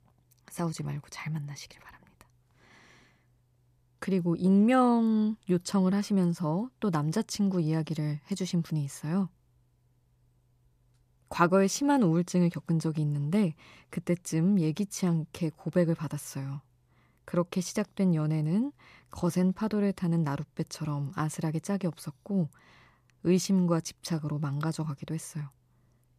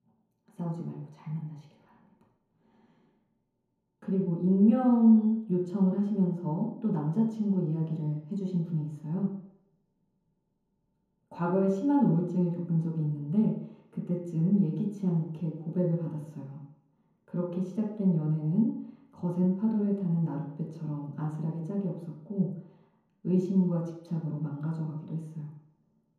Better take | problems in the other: first | room echo; noticeable; dies away in 0.9 s // off-mic speech; far

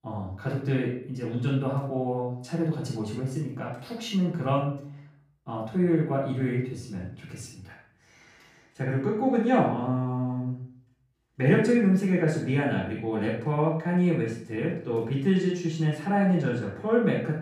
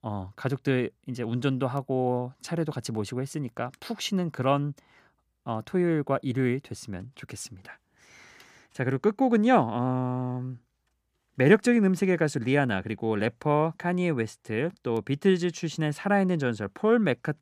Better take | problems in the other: second | room echo; noticeable; dies away in 0.5 s // off-mic speech; far

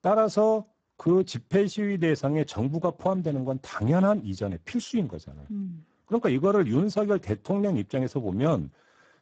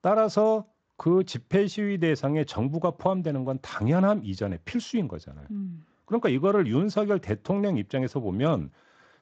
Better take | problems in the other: second | garbled, watery; badly; nothing above 7.5 kHz; slightly in the second

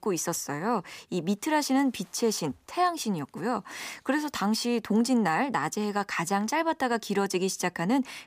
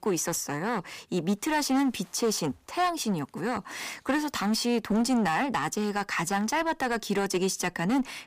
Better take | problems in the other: first | distortion; slight; 8% of the sound clipped

